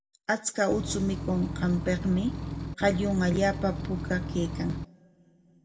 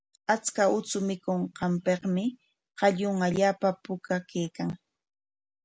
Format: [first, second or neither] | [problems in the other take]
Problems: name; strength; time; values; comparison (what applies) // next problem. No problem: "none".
second | background sound (Engine / Truck / Car); 5 dB below the speech // room echo; dies away in 1.2 s